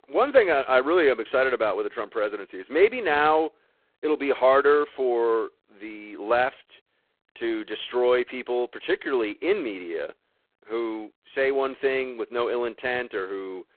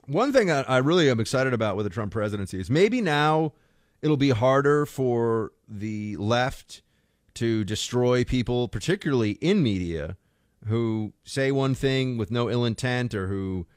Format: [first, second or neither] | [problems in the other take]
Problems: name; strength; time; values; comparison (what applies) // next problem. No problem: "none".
second | phone-call audio; poor line; nothing above 4 kHz